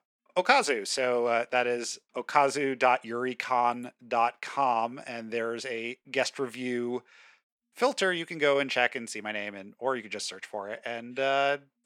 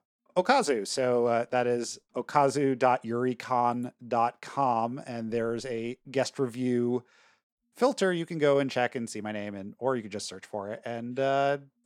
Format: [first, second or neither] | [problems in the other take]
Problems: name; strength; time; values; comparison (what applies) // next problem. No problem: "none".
second | thin; very slightly; fading below 450 Hz